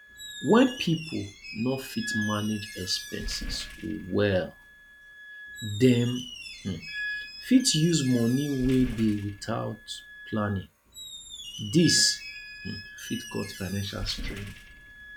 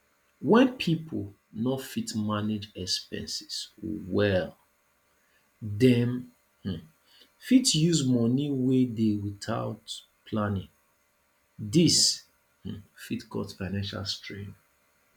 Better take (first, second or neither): second